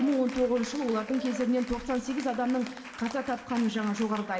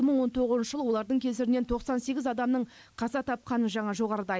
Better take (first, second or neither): second